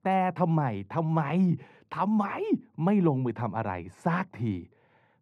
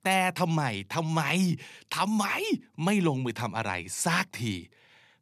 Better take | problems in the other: second | muffled; very; fading above 2.5 kHz

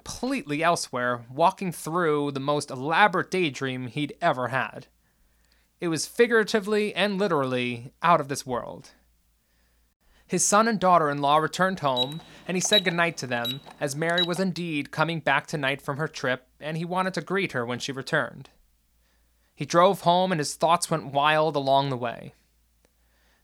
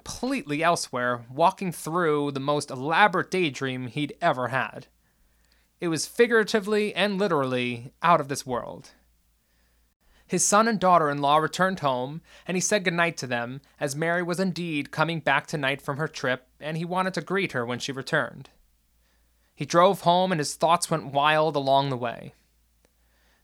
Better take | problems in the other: second | alarm; loud; from 12 to 14 s; peak 1 dB above the speech

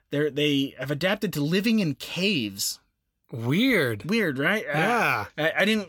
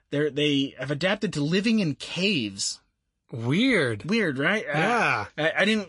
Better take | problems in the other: first | garbled, watery; slightly; nothing above 10.5 kHz

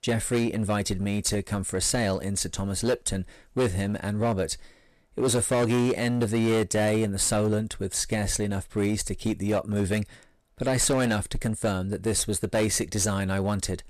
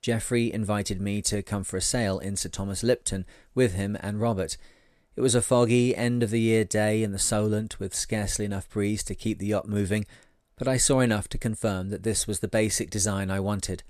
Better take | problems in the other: second | distortion; slight; 11% of the sound clipped

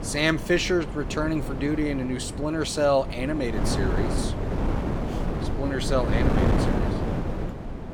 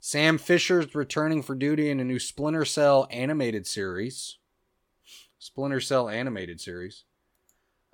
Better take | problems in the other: second | wind noise on the microphone; heavy; 6 dB below the speech

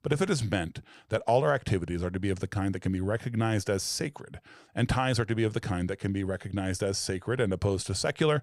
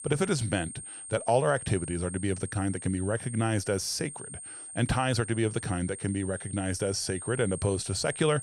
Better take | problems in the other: first | high-pitched whine; loud; throughout; 8.5 kHz, 10 dB below the speech

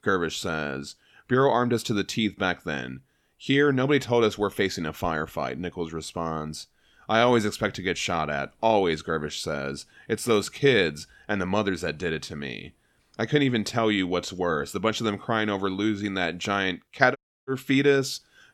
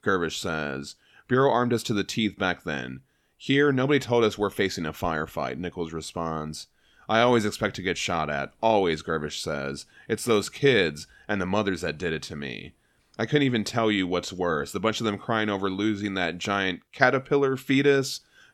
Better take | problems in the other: second | audio cutting out; at 17 s

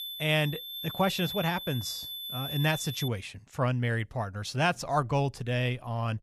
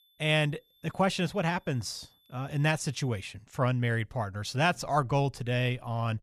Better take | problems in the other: second | high-pitched whine; loud; until 3 s; 3.5 kHz, 6 dB below the speech; faint in the second

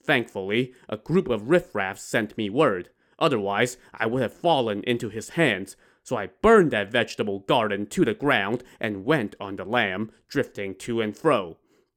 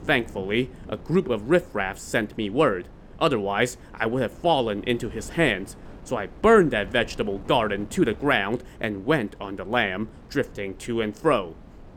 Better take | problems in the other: first | wind noise on the microphone; occasional gusts; 25 dB below the speech

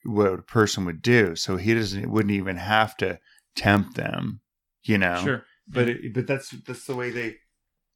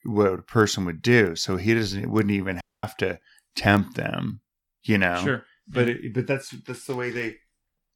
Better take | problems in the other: first | audio cutting out; at 2.5 s

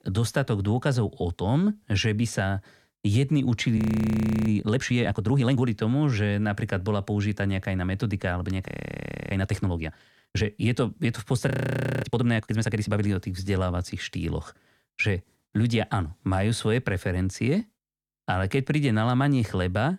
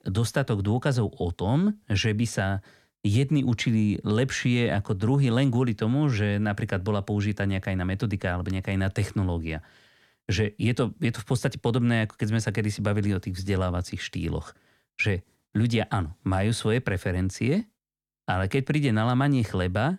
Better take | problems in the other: second | audio freezing; at 4 s for 0.5 s, at 8.5 s for 0.5 s and at 11 s for 0.5 s

